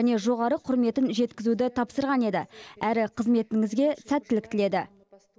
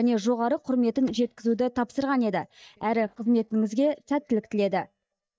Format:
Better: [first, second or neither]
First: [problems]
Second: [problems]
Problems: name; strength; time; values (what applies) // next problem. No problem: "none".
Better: first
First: none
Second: noise reduction (neural mask model DeepFilterNet 3)